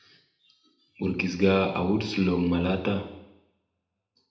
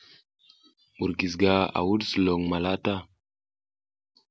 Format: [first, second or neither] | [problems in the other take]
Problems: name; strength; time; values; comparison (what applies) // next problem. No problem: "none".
second | room echo; dies away in 0.8 s